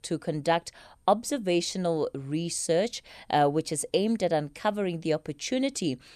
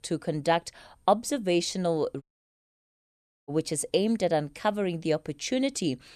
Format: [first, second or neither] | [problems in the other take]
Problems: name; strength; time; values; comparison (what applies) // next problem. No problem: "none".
first | audio cutting out; at 2 s for 1.5 s